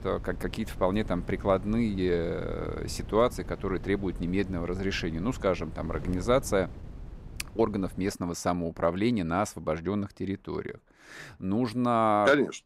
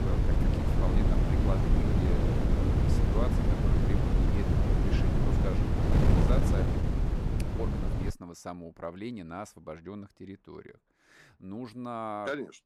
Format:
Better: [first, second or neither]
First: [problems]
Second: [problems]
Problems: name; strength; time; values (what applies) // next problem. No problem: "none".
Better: first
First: wind noise on the microphone; occasional gusts; until 8 s; 20 dB below the speech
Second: wind noise on the microphone; heavy; until 8 s; 5 dB above the speech